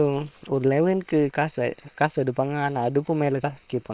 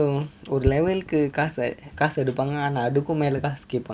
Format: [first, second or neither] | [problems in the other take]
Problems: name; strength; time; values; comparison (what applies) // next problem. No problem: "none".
second | noise reduction (neural separator model SepFormer WHAM!)